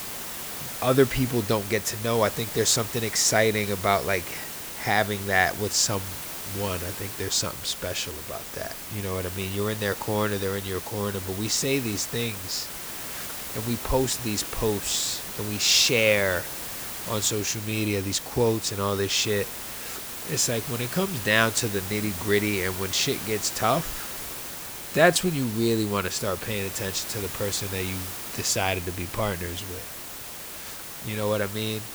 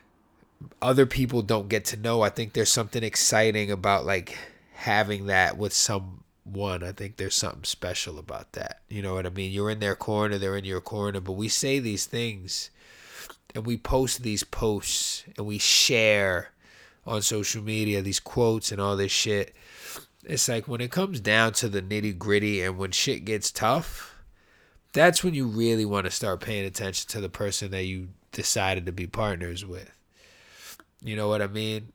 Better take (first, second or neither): second